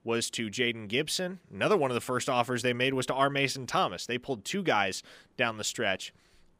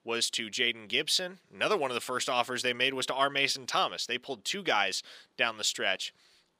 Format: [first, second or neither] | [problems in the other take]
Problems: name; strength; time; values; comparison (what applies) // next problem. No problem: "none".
first | thin; very slightly; fading below 1 kHz